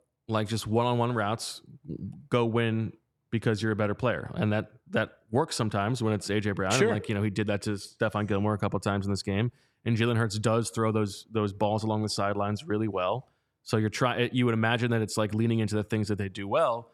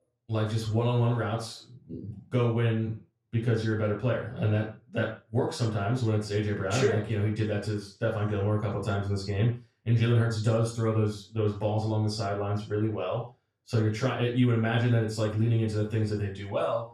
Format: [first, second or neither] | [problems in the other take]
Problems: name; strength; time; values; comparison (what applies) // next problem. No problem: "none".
first | room echo; noticeable; dies away in 0.3 s // off-mic speech; far